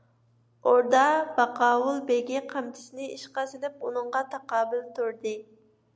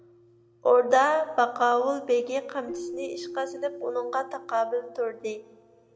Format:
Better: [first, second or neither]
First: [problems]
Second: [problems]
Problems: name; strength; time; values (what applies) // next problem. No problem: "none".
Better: first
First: none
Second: background sound (Keyboard (musical)); 16 dB below the speech // room echo; dies away in 1.6 s